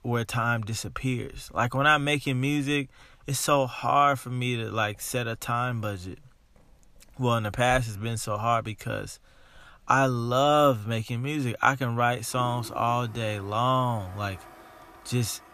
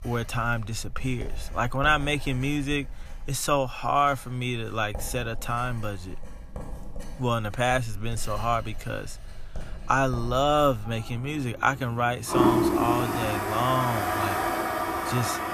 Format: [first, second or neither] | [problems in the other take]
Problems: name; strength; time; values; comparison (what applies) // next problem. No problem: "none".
first | household noises; loud; throughout; 3 dB below the speech; faint in the first